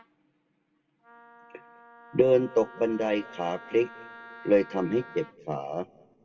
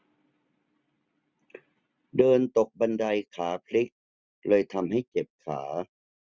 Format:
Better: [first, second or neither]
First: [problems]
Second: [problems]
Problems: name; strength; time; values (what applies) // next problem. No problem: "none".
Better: second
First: background sound (Wind instrument, woodwind instrument); 20 dB below the speech // room echo; dies away in 2.4 s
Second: none